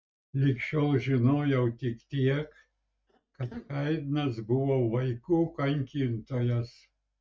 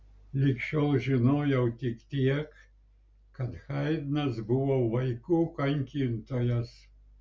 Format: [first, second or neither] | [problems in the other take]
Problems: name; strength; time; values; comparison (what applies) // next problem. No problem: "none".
second | noise reduction (neural mask model RNNoise)